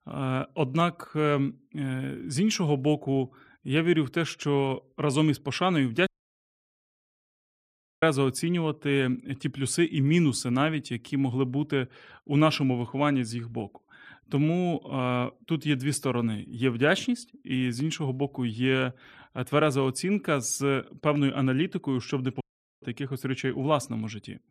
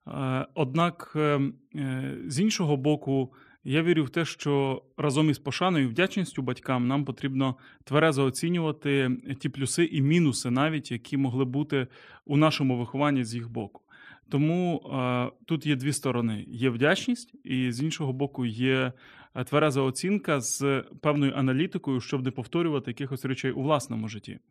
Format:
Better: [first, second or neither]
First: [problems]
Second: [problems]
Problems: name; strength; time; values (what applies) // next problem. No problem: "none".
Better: second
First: audio cutting out; at 6 s for 2 s and at 22 s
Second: none